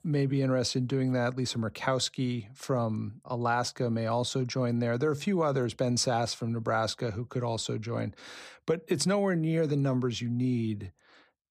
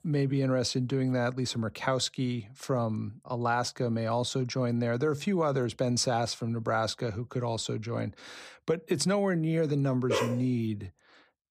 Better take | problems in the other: first | dog barking; noticeable; at 10 s; peak 1 dB below the speech

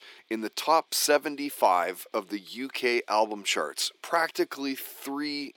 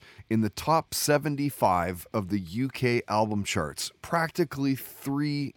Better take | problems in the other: second | thin; somewhat; fading below 300 Hz

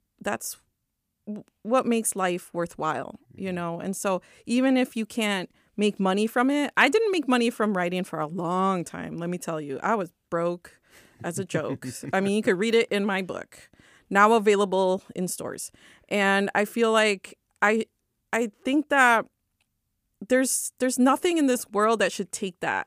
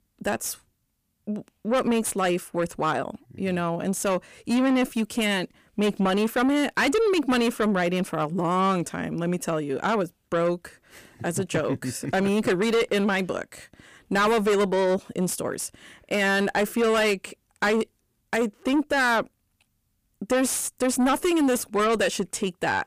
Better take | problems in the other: first | distortion; heavy; 7 dB below the speech

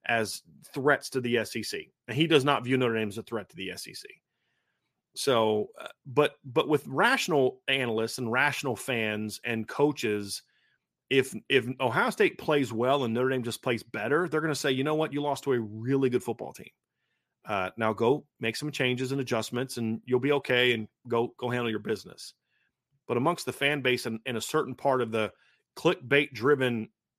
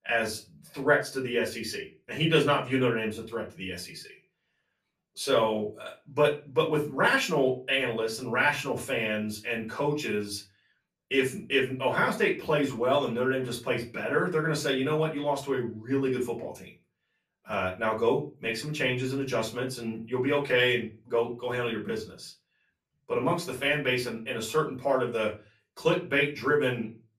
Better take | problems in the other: first | off-mic speech; far // room echo; very slight; dies away in 0.2 s

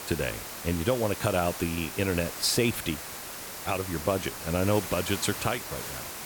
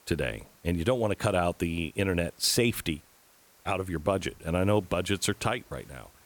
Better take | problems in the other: second | hiss; loud; throughout; 7 dB below the speech; faint in the second

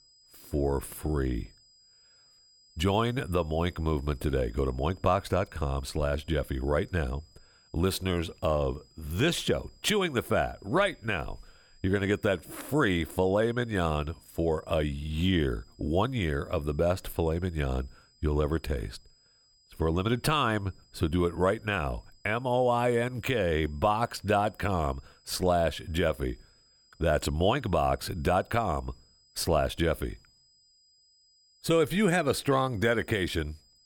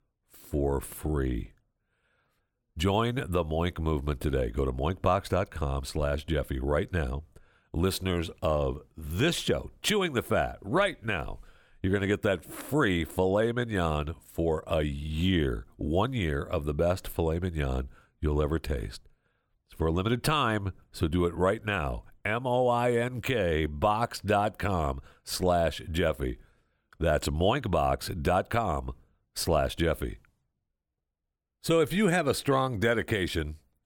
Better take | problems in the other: second | high-pitched whine; faint; throughout; 5 kHz, 30 dB below the speech

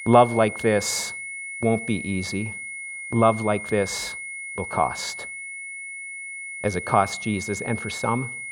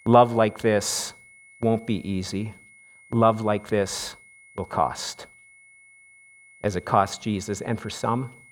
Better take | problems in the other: second | high-pitched whine; loud; throughout; 2 kHz, 8 dB below the speech; faint in the second

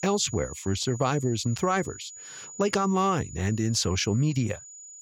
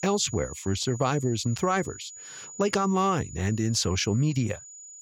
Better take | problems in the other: neither | high-pitched whine; noticeable; throughout; 7 kHz, 15 dB below the speech; the same in both

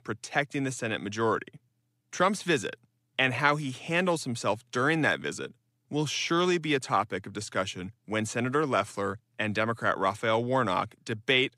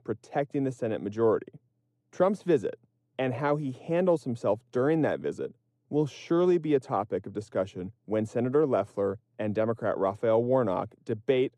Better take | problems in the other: first | muffled; very; fading above 1 kHz

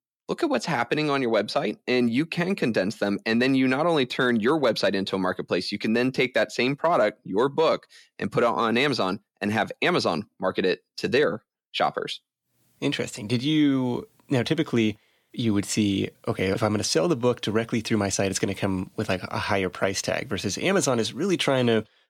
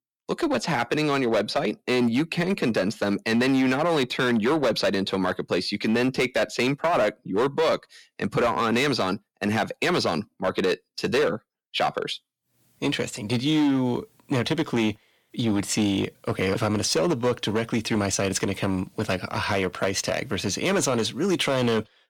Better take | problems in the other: first | distortion; slight; 9% of the sound clipped

